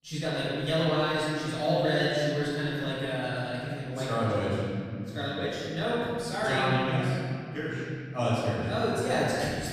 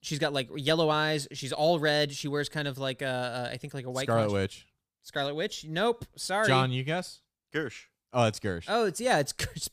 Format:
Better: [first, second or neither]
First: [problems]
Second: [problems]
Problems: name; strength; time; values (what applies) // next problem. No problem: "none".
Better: second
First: off-mic speech; far // room echo; strong; dies away in 3 s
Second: none